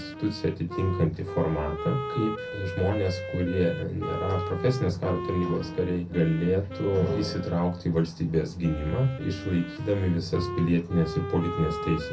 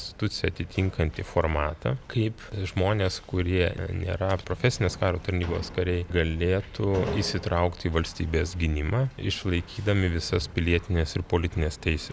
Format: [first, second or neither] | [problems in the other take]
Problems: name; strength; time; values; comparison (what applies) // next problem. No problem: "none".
second | background sound (Wind instrument, woodwind instrument); 9 dB below the speech // room echo; dies away in 0.3 s